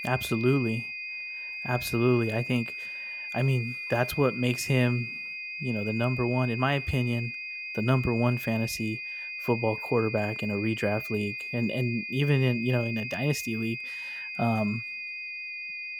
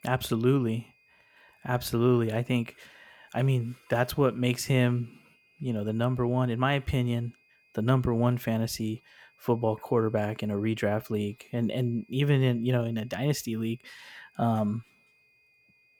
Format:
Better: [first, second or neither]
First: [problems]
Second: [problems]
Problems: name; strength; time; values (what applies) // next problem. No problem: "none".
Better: second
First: high-pitched whine; loud; throughout; 2.5 kHz, 6 dB below the speech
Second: high-pitched whine; faint; throughout; 2.5 kHz, 35 dB below the speech